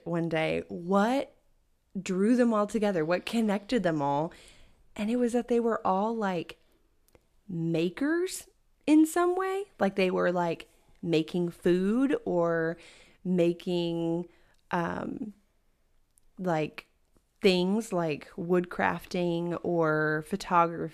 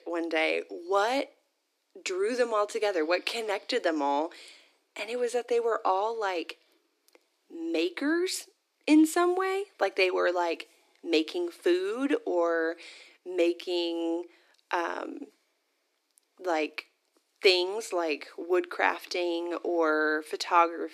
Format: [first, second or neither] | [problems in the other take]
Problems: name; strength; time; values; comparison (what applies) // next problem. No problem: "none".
first | thin; somewhat; fading below 300 Hz